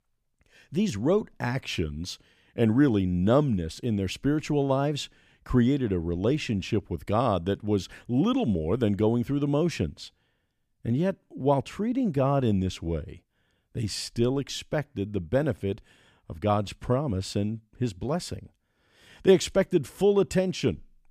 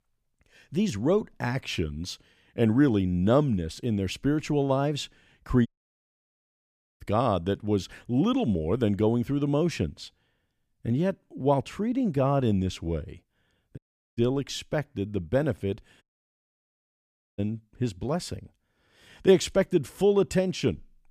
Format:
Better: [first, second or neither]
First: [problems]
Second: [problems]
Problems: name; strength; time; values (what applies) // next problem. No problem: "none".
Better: first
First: none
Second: audio cutting out; at 5.5 s for 1.5 s, at 14 s and at 16 s for 1.5 s